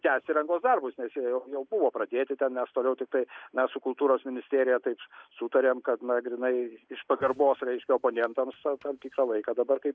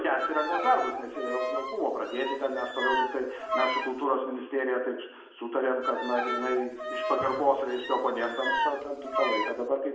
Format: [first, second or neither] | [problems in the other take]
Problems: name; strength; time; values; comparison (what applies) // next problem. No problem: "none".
first | background sound (Bowed string instrument); 3 dB below the speech // room echo; dies away in 1 s